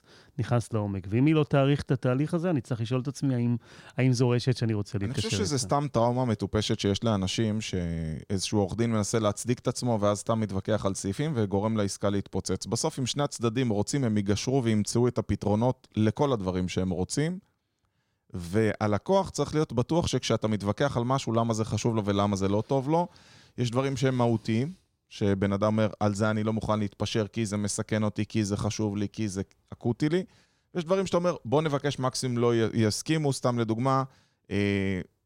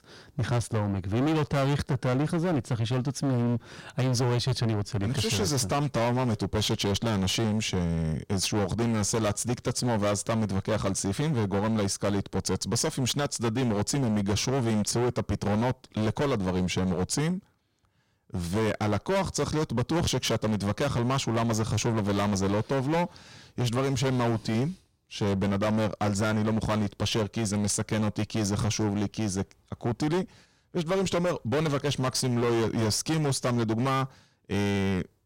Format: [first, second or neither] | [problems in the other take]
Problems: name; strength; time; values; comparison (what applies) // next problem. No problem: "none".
first | distortion; heavy; 23% of the sound clipped